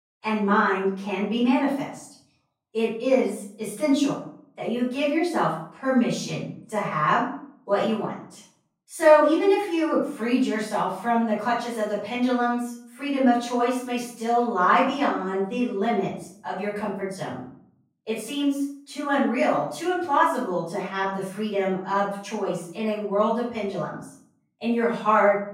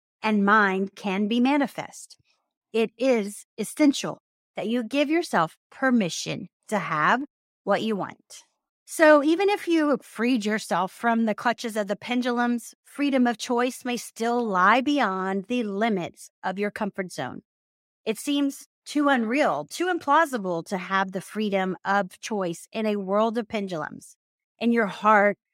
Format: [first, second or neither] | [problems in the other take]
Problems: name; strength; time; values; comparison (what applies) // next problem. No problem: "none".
second | off-mic speech; far // room echo; noticeable; dies away in 0.5 s